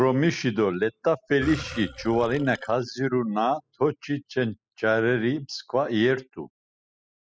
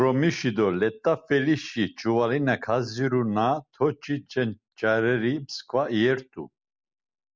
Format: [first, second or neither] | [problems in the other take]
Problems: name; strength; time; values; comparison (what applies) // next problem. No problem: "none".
second | noise reduction (classical method spectral subtraction)